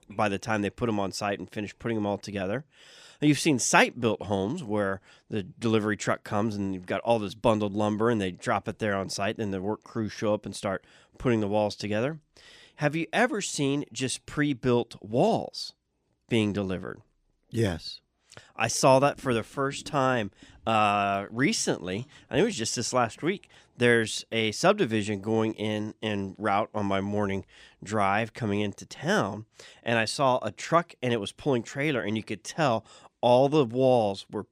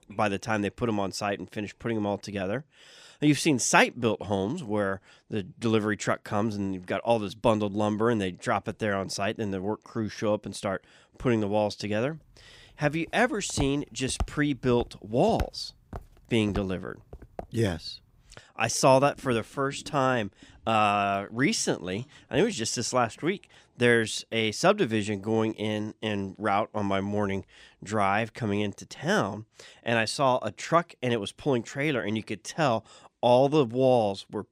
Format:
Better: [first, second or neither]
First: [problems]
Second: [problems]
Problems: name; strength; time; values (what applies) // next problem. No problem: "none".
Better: first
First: none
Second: footsteps; noticeable; from 14 to 17 s; peak 10 dB below the speech